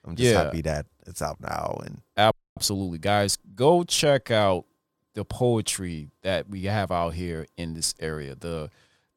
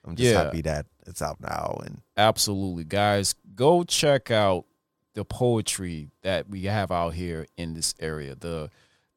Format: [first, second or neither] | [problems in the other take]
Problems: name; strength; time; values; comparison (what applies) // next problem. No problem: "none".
second | audio freezing; at 2.5 s